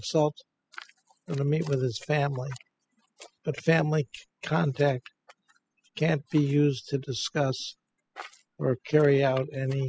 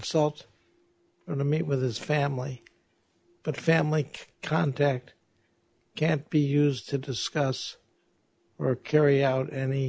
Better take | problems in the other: second | noise reduction (classical method spectral subtraction)

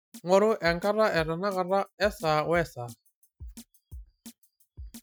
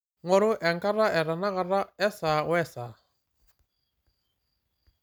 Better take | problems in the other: second | noise reduction (classical method Wiener filter)

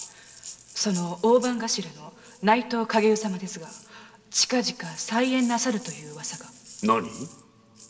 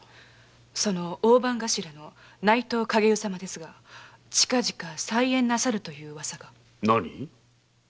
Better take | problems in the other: second | background sound (Rattle (instrument)); 19 dB below the speech // room echo; dies away in 1.8 s

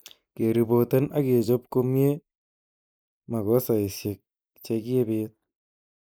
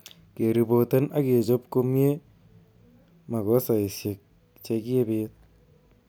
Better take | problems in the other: second | noise reduction (neural mask model Resemble Enhance denoiser)

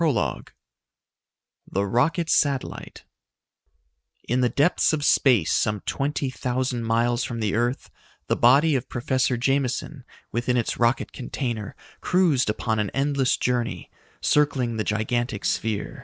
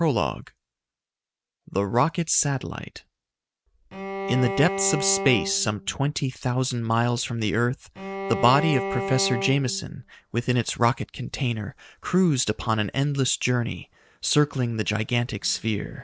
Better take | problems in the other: first | background sound (Bowed string instrument); 6 dB below the speech

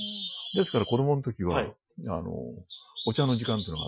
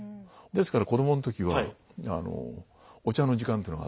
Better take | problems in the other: second | noise reduction (classical method Wiener filter)

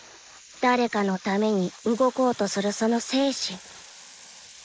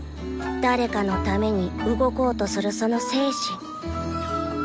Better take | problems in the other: second | noise reduction (neural mask model Resemble Enhance denoiser)

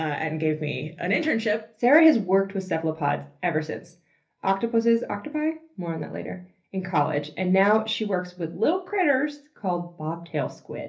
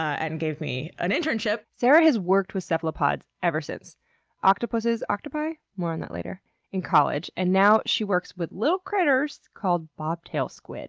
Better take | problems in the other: second | room echo; dies away in 0.3 s

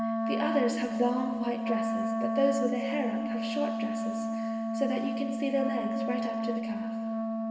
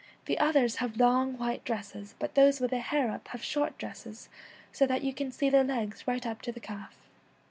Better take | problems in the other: second | background sound (Wind instrument, woodwind instrument); 1 dB above the speech // room echo; dies away in 2.5 s

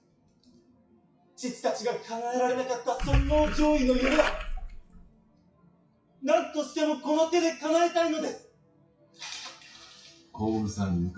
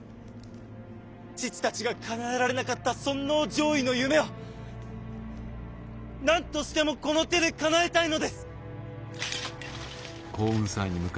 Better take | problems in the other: second | noise reduction (classical method WPE with log-MMSE)

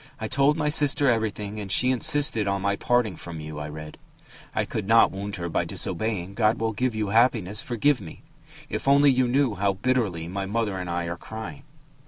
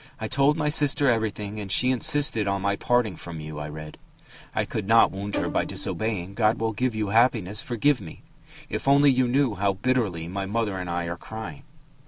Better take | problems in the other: first | background sound (Bowed string instrument); 12 dB below the speech

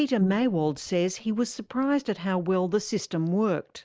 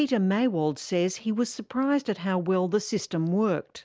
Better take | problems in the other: second | noise reduction (neural mask model Resemble Enhance denoiser)

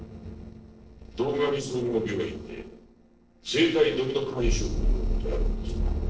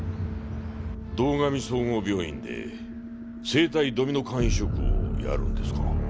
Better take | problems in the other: second | noise reduction (neural separator model SepFormer DNS4)

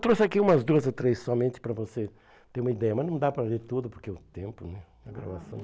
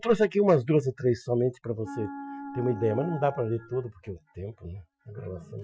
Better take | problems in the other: first | noise reduction (classical method Wiener filter)

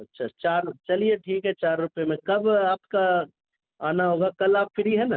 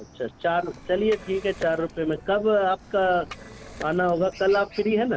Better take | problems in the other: first | background sound (Liquid + Chicken, rooster); 18 dB below the speech

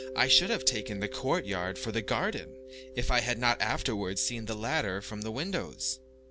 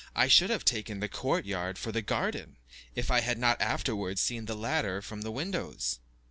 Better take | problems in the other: second | background sound (Mallet percussion); 14 dB below the speech

